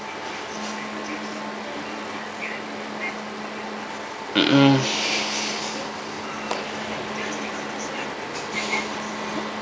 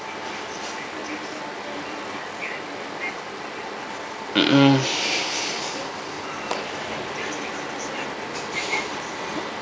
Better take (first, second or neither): second